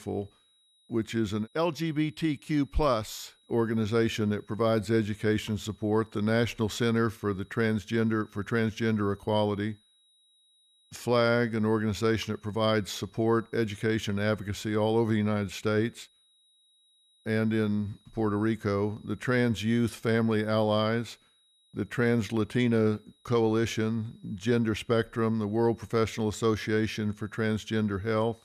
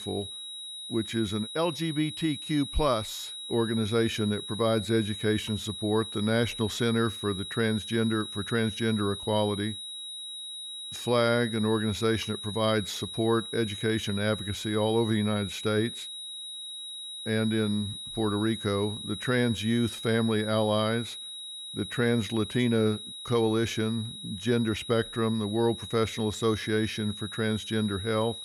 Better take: first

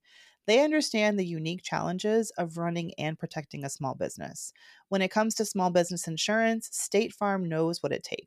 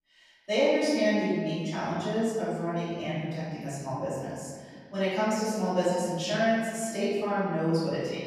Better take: first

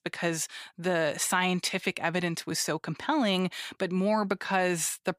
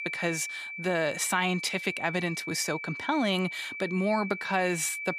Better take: first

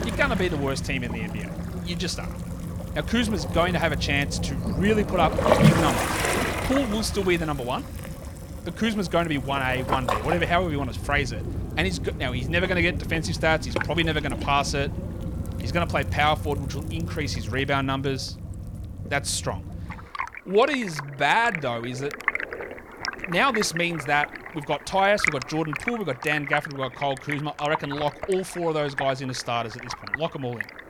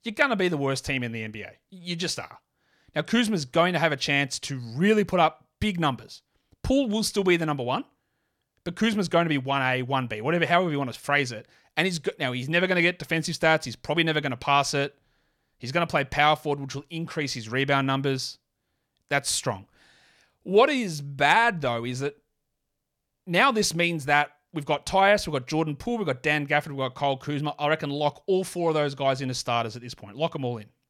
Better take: second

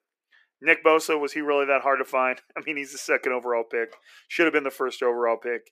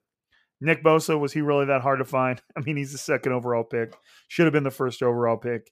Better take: second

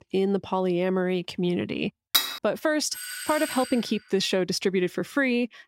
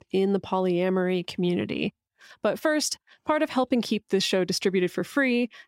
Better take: second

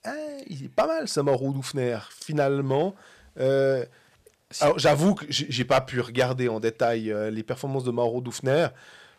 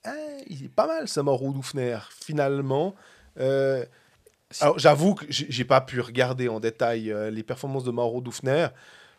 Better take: second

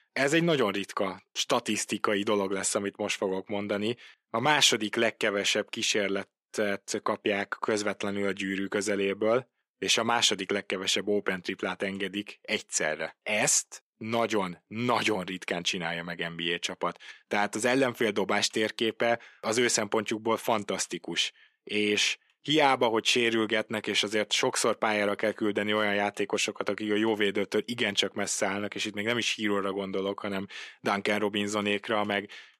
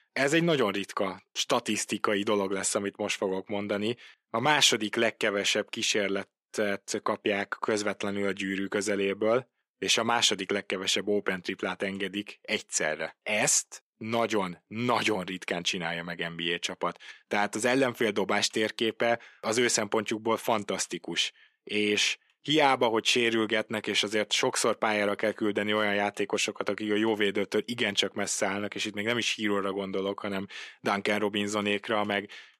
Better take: neither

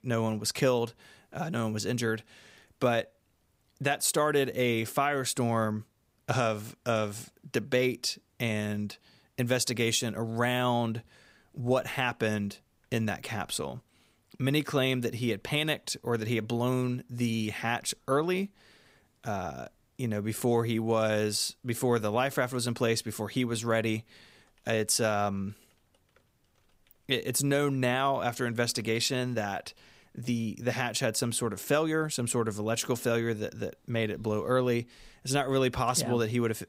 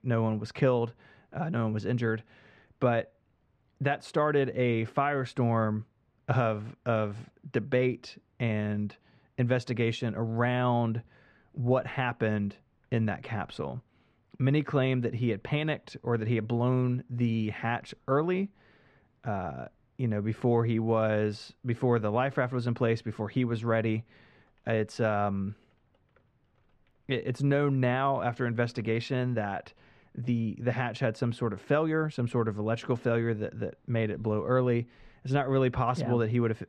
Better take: first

